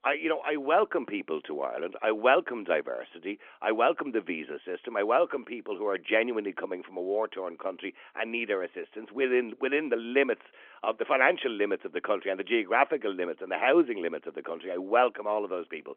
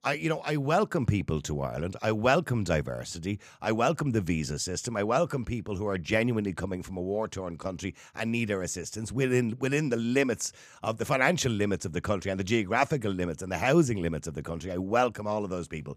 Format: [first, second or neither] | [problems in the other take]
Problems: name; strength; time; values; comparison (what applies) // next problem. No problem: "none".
second | phone-call audio; nothing above 3.5 kHz